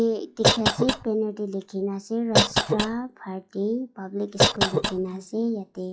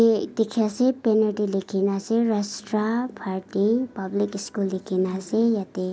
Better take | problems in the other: second | noise reduction (classical method log-MMSE)

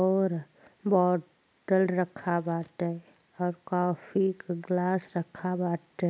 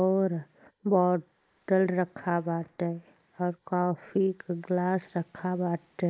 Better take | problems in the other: first | noise reduction (neural mask model Resemble Enhance denoiser)

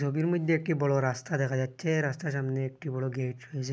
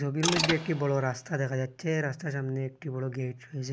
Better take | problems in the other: first | background sound (Mechanisms); 4 dB below the speech

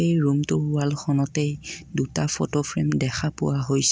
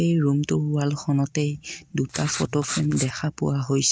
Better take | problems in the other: first | noise reduction (neural mask model RNNoise)

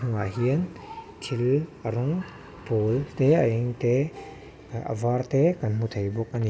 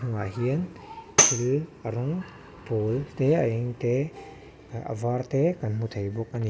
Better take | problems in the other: first | background sound (Tambourine); 1 dB above the speech

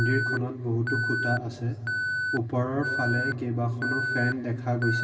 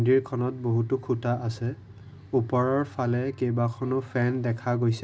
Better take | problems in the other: second | background sound (Alarm); 3 dB below the speech // room echo; dies away in 2.4 s

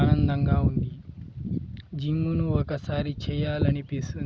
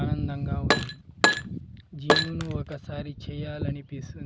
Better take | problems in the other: first | background sound (Glass); 4 dB above the speech

